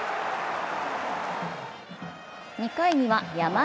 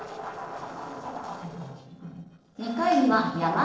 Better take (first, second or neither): first